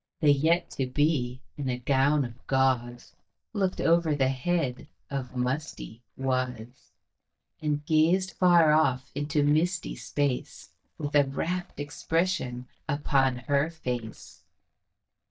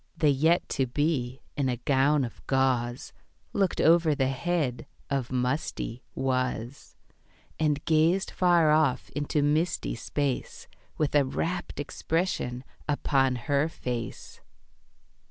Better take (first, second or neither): second